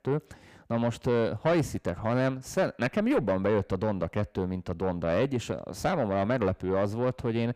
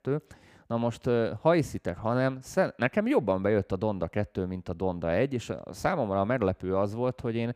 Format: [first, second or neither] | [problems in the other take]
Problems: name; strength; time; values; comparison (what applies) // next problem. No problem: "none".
second | distortion; slight; 10 dB below the speech